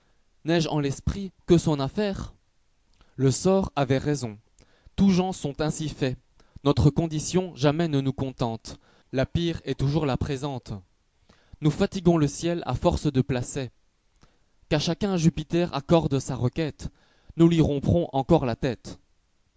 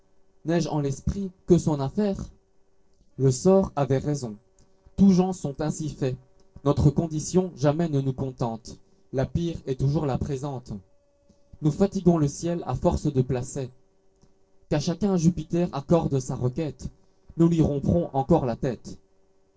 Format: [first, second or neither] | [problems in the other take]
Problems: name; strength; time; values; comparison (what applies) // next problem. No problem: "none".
first | noise reduction (neural separator model SepFormer DNS4)